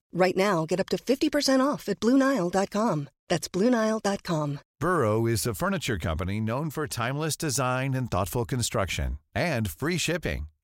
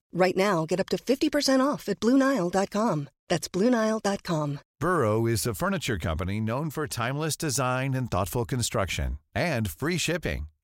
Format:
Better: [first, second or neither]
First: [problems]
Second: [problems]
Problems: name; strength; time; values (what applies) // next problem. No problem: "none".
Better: neither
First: none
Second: none